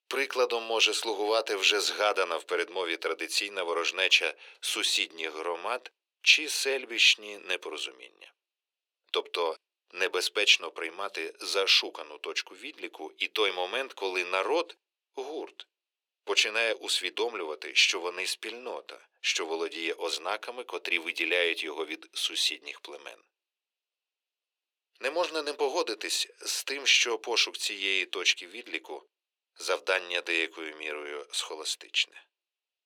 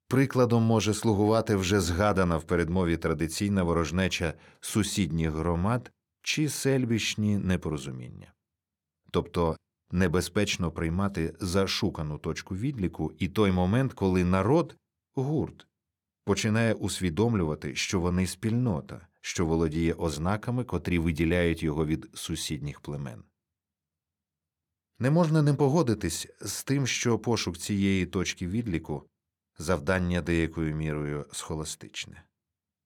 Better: second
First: thin; very; fading below 400 Hz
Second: none

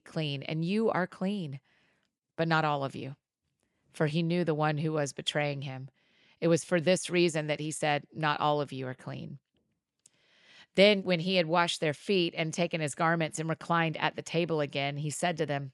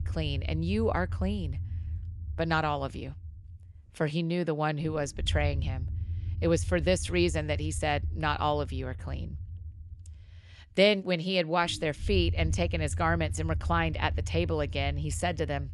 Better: first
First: none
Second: low rumble; faint; throughout; 20 dB below the speech

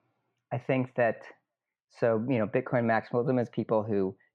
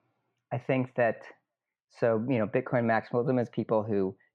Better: neither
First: muffled; slightly; fading above 3 kHz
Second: muffled; slightly; fading above 3 kHz

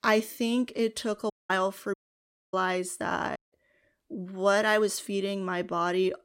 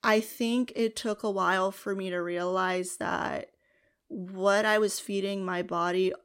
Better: second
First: audio cutting out; at 1.5 s, at 2 s for 0.5 s and at 3.5 s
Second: none

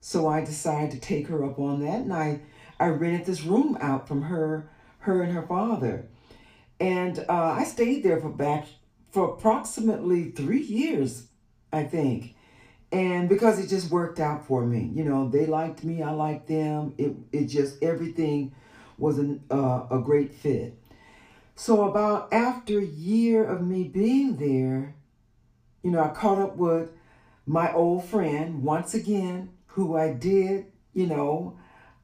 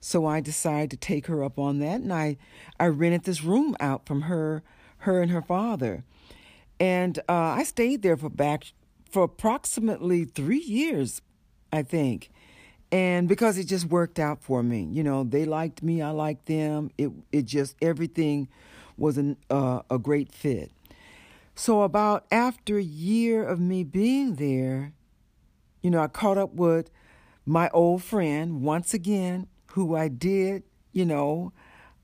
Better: second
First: room echo; slight; dies away in 0.3 s // off-mic speech; far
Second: none

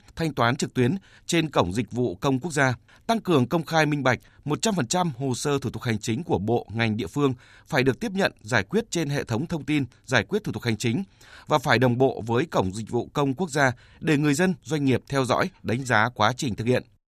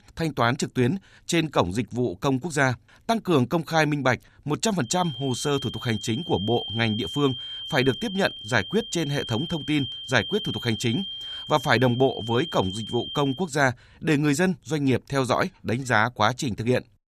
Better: first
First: none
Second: high-pitched whine; loud; from 5 to 13 s; 3 kHz, 9 dB below the speech

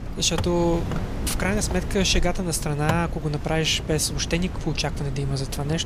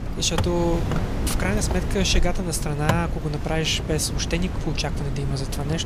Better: first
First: wind noise on the microphone; occasional gusts; 10 dB below the speech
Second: wind noise on the microphone; heavy; 6 dB below the speech

